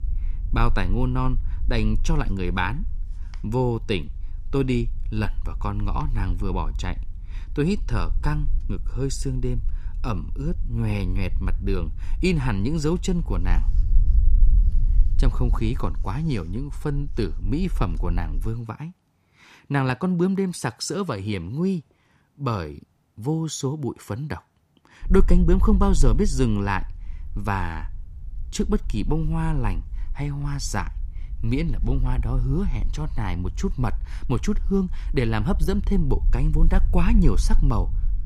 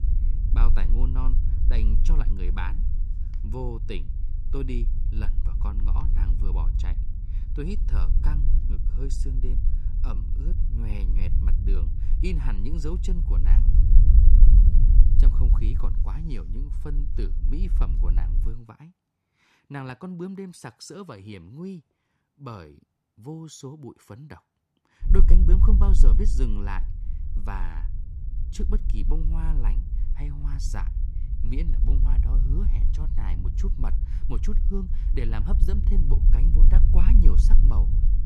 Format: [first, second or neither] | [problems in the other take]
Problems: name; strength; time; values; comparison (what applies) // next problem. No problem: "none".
first | low rumble; loud; until 19 s and from 25 s on; 5 dB below the speech; faint in the first